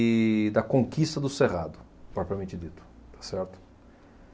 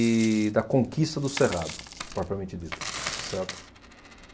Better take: first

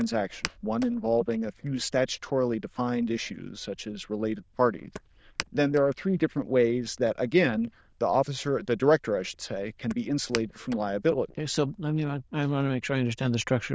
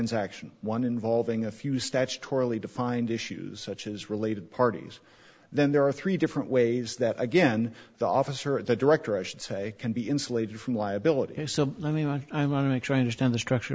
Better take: second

